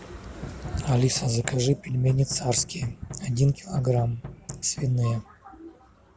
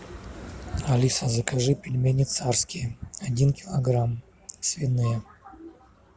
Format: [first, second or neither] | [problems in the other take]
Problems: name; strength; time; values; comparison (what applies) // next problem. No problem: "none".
second | background sound (Knock); 15 dB below the speech